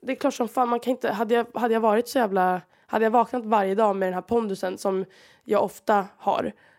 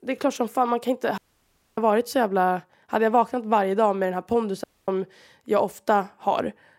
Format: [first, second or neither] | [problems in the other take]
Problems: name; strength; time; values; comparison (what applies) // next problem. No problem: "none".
first | audio cutting out; at 1 s for 0.5 s and at 4.5 s